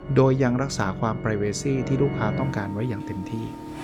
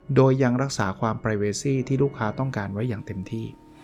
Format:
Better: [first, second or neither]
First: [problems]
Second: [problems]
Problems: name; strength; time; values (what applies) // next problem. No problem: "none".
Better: second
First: background music; loud; throughout; 7 dB below the speech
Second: background music; faint; throughout; 20 dB below the speech